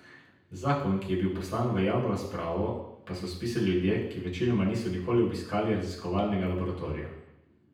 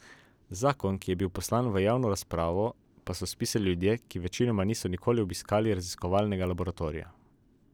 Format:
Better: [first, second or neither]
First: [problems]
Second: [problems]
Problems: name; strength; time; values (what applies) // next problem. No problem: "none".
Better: second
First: room echo; dies away in 0.9 s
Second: none